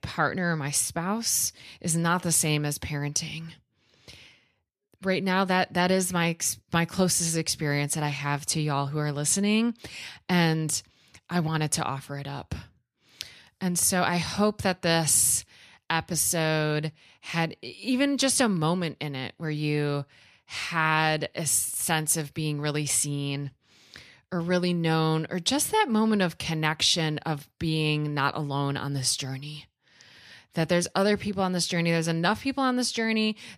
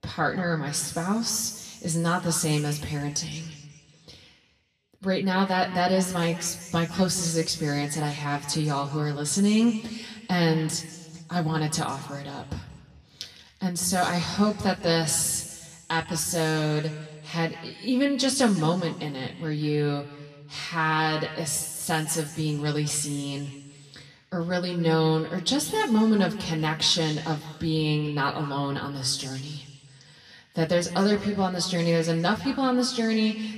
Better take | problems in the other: first | room echo; slight; dies away in 1.5 s // off-mic speech; somewhat distant

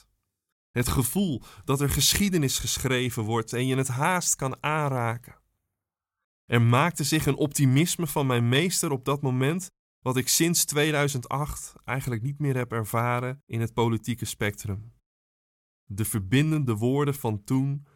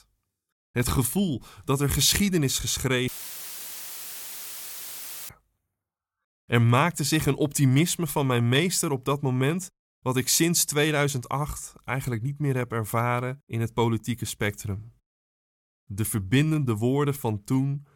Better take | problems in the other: first | audio cutting out; filled with static; at 3 s for 2 s

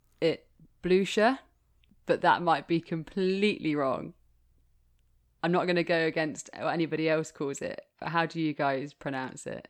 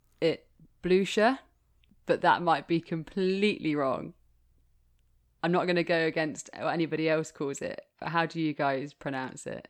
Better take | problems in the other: neither | none

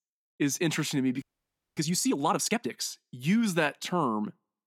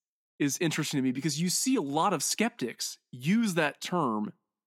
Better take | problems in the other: second | audio freezing; at 1 s for 0.5 s

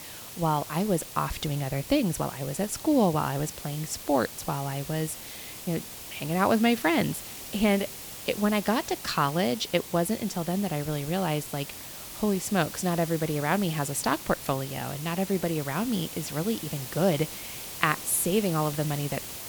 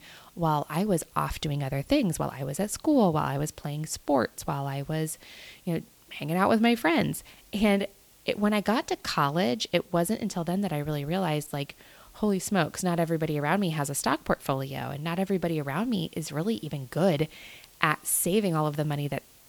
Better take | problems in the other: second | hiss; loud; throughout; 10 dB below the speech; faint in the second

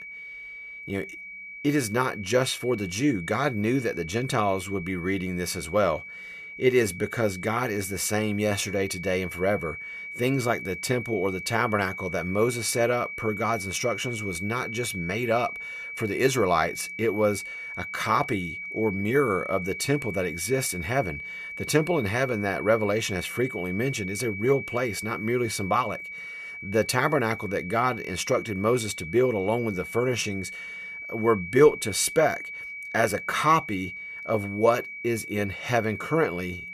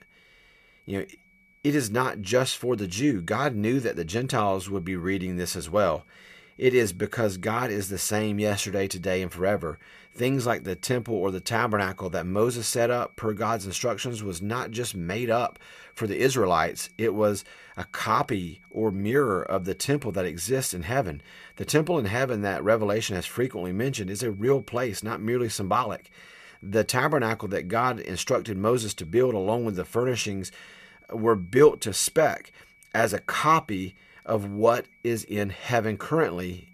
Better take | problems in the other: second | high-pitched whine; loud; throughout; 2.5 kHz, 9 dB below the speech; faint in the second

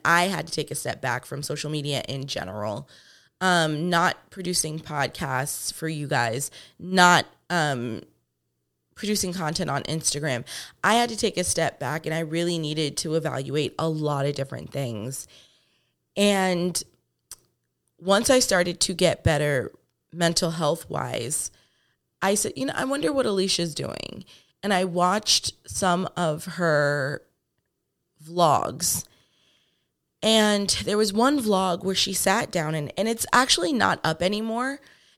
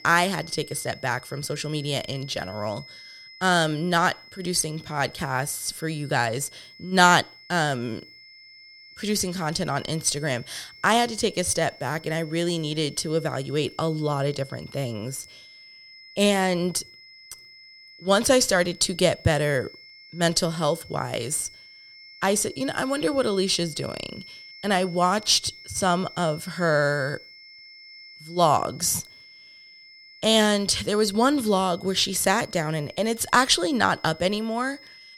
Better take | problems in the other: first | high-pitched whine; faint; throughout; 5.5 kHz, 20 dB below the speech

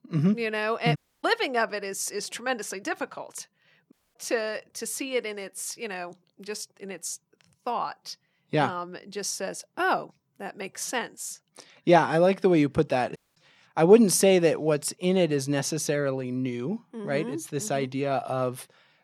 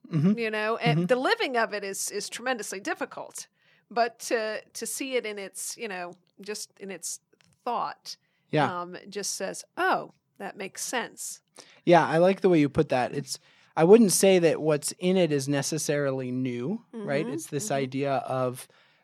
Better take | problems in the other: second | audio cutting out; at 1 s, at 4 s and at 13 s

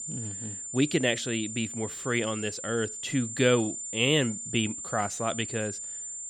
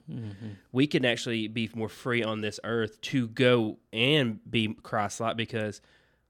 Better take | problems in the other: second | high-pitched whine; loud; throughout; 7 kHz, 7 dB below the speech

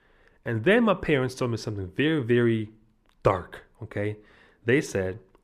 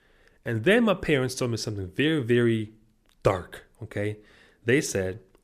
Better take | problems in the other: second | muffled; very slightly; fading above 4 kHz

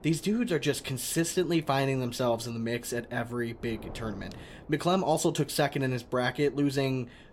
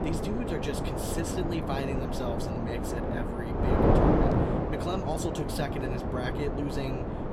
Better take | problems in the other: first | wind noise on the microphone; heavy; 5 dB above the speech; occasional gusts in the first

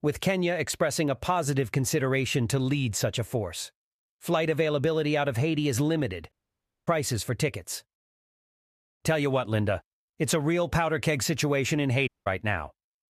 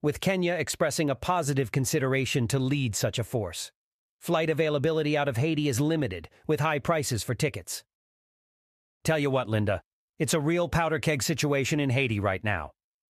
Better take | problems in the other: second | audio cutting out; at 6.5 s for 0.5 s and at 12 s

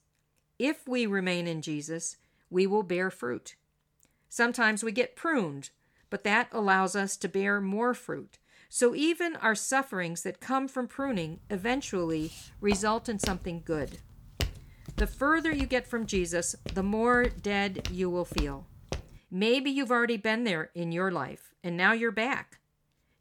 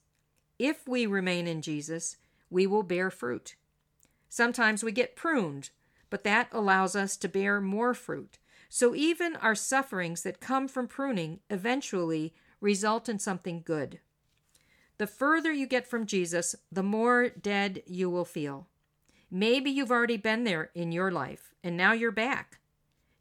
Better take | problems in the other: second | footsteps; noticeable; from 12 to 19 s; peak 6 dB below the speech

